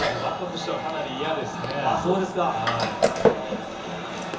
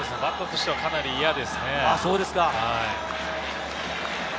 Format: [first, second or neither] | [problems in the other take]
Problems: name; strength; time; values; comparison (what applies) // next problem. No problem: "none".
second | background sound (Chewing, mastication); 2 dB below the speech // room echo; dies away in 0.7 s